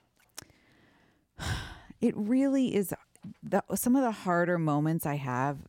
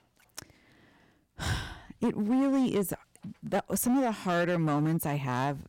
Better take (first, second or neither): first